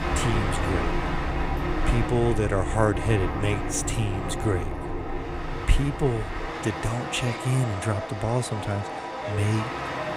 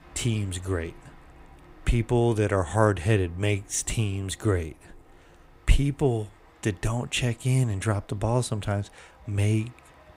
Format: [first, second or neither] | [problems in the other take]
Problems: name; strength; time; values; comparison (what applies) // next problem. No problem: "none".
second | train or aircraft noise; loud; throughout; 3 dB below the speech; faint in the second